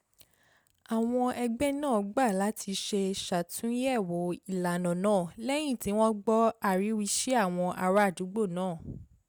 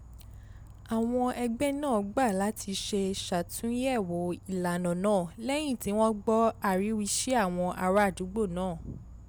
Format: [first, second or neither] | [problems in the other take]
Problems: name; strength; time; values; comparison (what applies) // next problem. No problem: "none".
first | background sound (Insect); 19 dB below the speech